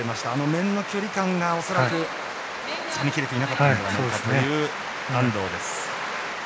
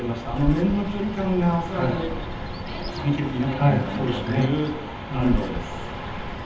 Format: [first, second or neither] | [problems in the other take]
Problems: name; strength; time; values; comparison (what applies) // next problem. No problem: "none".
first | background sound (Bird); 8 dB below the speech // room echo; dies away in 0.8 s